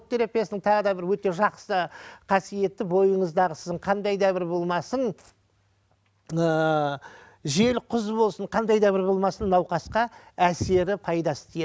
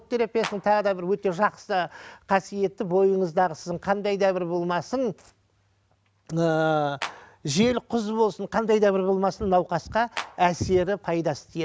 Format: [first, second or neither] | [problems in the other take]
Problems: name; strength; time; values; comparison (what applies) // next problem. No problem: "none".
first | background sound (Clapping); 12 dB below the speech